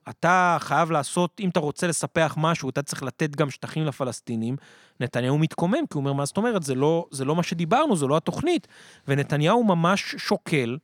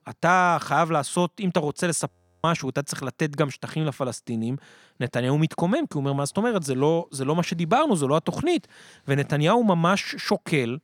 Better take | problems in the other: first | audio freezing; at 2 s

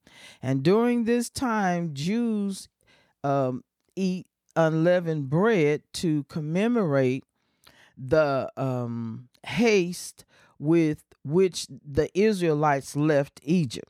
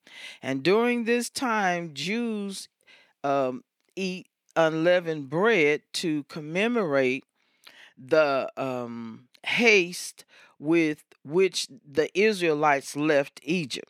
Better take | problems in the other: first | thin; very slightly; fading below 250 Hz

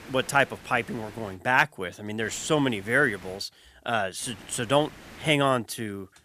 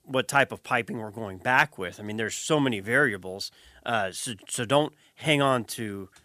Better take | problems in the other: second | hiss; faint; until 1.5 s, from 2 to 3.5 s and from 4 to 5.5 s; 20 dB below the speech

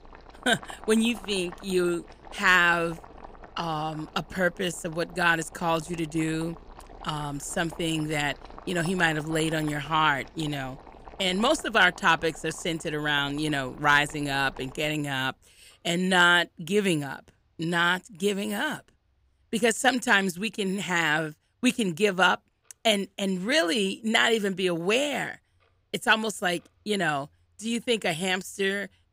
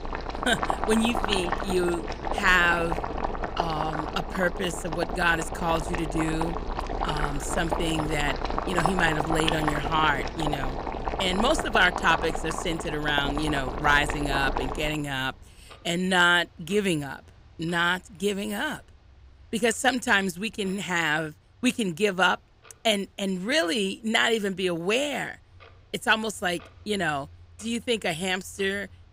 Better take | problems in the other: first | household noises; loud; throughout; 5 dB below the speech; faint in the first

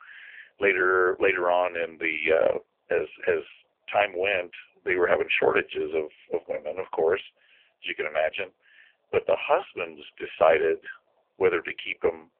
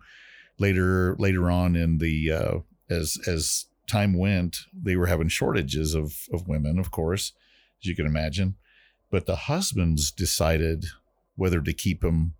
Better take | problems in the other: second | phone-call audio; poor line

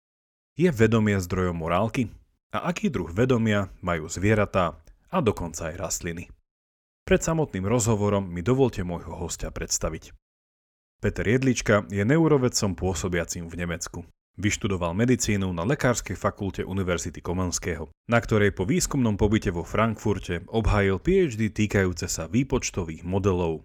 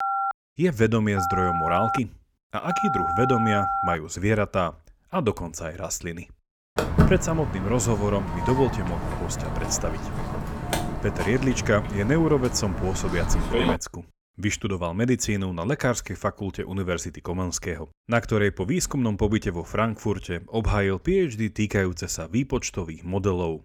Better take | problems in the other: first | phone ringing; loud; until 4 s; peak 1 dB above the speech // footsteps; loud; from 7 to 14 s; peak 5 dB above the speech

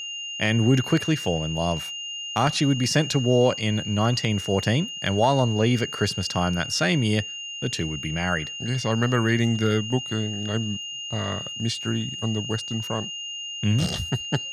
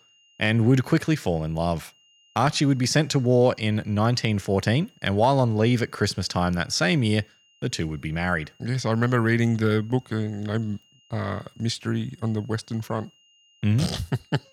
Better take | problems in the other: second | high-pitched whine; loud; throughout; 3 kHz, 7 dB below the speech; faint in the second

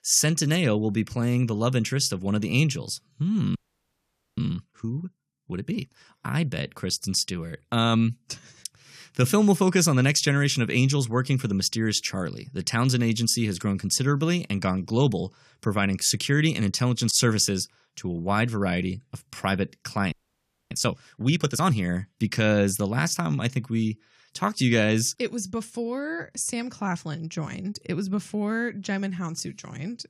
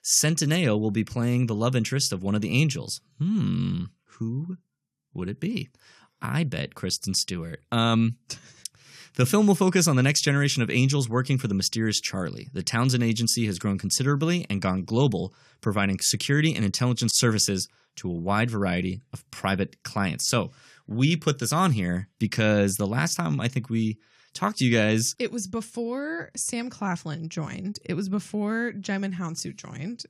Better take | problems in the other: second | audio freezing; at 3.5 s for 1 s and at 20 s for 0.5 s

